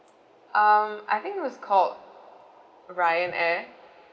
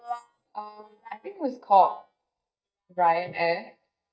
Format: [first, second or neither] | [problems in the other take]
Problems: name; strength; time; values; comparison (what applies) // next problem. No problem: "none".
first | noise reduction (neural mask model DeepFilterNet 3)